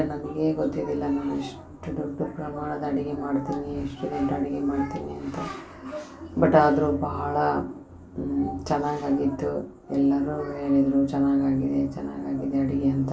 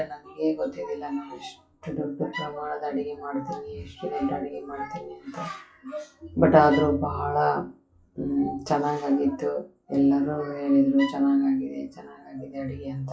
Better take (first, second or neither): first